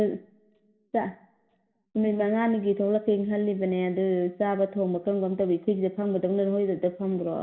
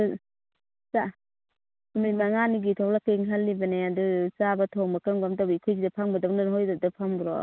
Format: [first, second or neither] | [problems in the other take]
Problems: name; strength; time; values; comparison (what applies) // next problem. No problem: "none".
second | room echo; dies away in 0.6 s